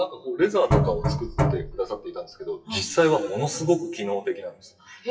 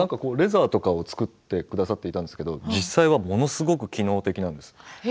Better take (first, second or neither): second